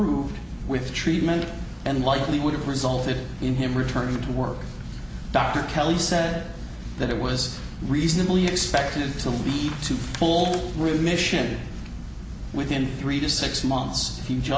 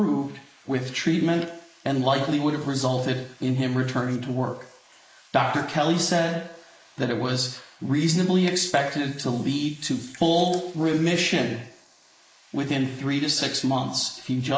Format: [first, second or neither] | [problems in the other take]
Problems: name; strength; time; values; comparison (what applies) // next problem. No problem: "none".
first | noise reduction (neural mask model Resemble Enhance denoiser)